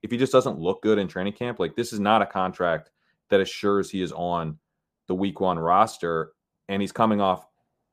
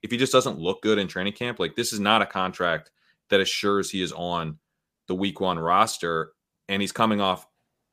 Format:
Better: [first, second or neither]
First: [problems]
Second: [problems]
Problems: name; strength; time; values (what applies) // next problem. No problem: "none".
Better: second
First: muffled; slightly; fading above 1.5 kHz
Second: none